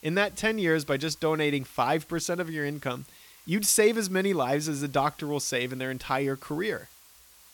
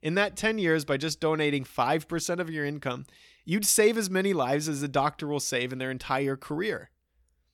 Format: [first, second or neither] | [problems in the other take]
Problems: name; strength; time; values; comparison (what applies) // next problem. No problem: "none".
second | hiss; faint; throughout; 25 dB below the speech